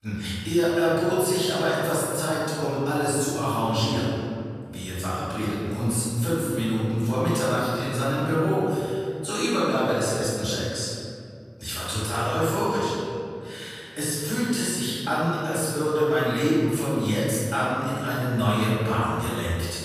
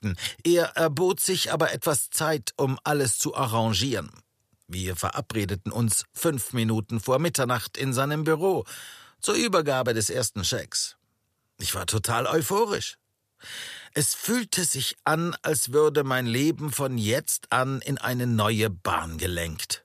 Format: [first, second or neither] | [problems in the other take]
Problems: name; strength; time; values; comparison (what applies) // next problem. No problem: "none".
second | off-mic speech; far // room echo; strong; dies away in 2.3 s